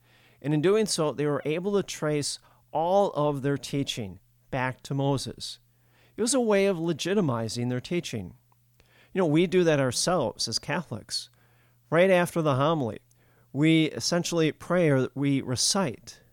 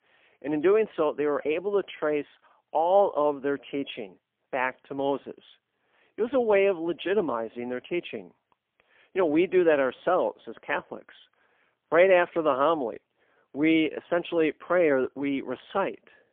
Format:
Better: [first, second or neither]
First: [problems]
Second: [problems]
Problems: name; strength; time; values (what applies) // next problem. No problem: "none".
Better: first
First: none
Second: phone-call audio; poor line; nothing above 3.5 kHz